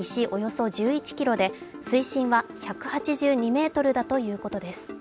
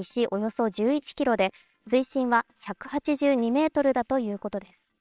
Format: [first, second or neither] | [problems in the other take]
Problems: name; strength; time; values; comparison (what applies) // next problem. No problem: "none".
first | noise reduction (neural separator model SepFormer WHAMR!)